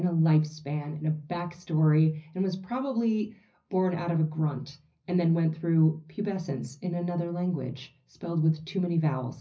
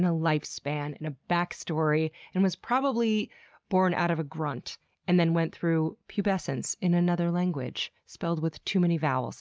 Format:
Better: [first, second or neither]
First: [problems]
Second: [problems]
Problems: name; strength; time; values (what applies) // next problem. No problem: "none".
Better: second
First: room echo; dies away in 0.4 s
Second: none